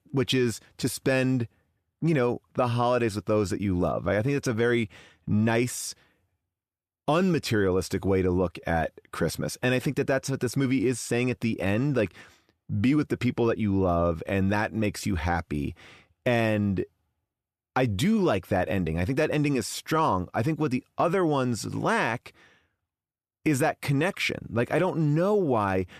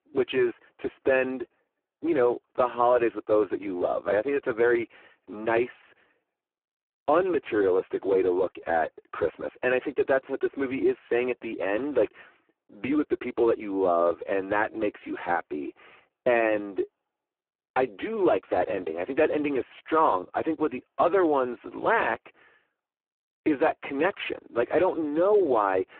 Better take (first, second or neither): first